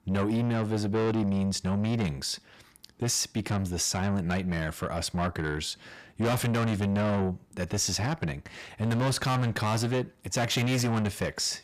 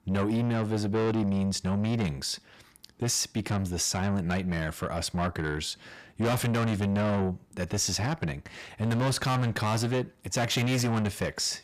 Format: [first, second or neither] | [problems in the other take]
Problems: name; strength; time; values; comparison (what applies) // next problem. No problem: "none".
neither | distortion; heavy; 6 dB below the speech; the same in both